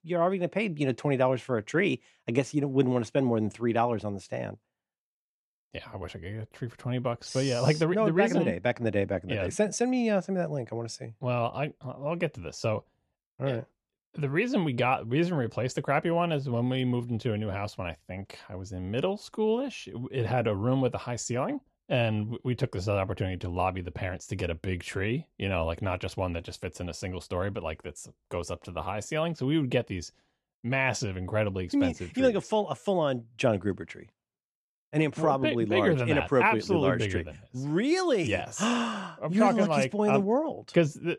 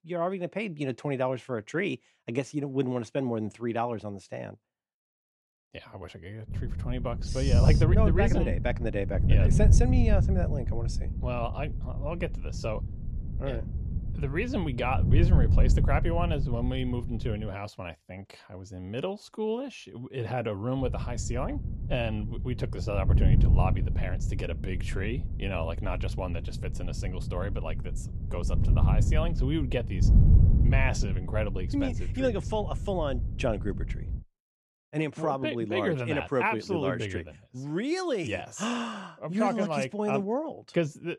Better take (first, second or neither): first